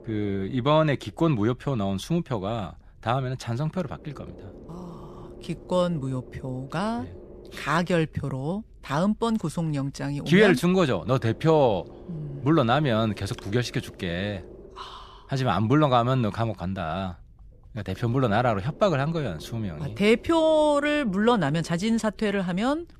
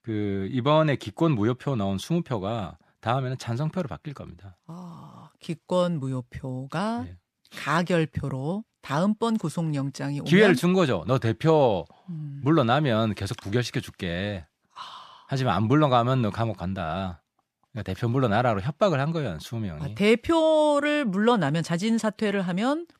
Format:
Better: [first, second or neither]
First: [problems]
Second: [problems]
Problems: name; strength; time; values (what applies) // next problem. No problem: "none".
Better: second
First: low rumble; faint; throughout; 25 dB below the speech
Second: none